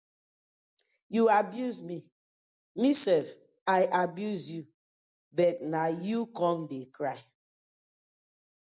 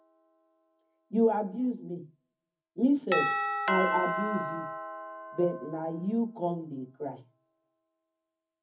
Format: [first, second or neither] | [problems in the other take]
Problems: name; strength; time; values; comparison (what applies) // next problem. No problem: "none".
first | background sound (Doorbell); 4 dB below the speech // room echo; dies away in 0.3 s